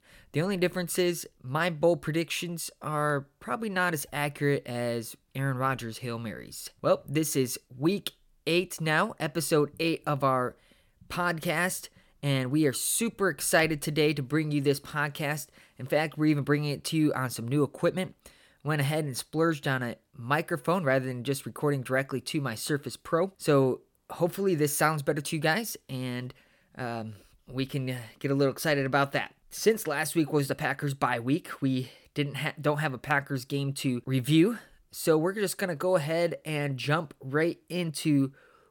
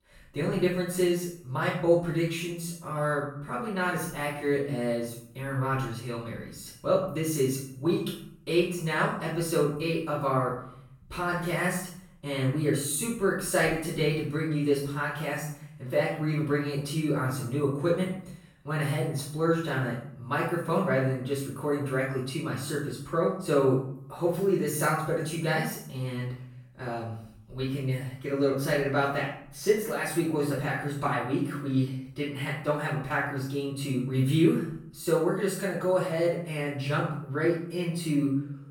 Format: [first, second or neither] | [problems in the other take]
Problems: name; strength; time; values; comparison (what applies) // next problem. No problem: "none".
first | room echo; noticeable; dies away in 0.6 s // off-mic speech; far